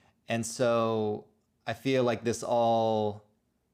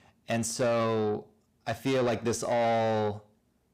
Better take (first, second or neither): first